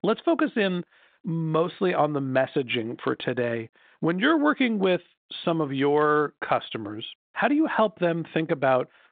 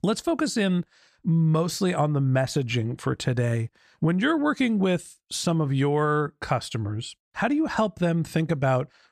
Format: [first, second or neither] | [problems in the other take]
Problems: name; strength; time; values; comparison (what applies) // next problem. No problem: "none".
second | phone-call audio; nothing above 3.5 kHz